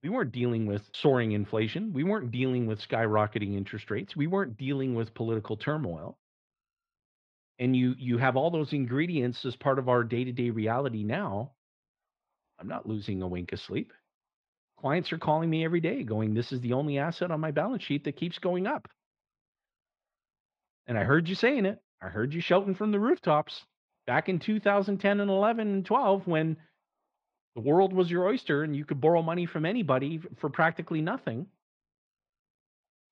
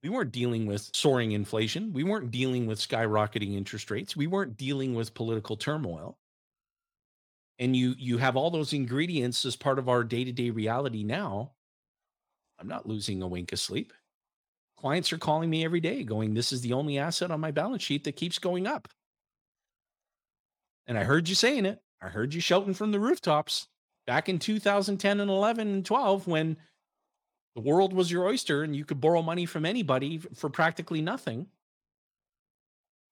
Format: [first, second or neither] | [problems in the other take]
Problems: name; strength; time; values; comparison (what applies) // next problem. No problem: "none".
second | muffled; very; fading above 2.5 kHz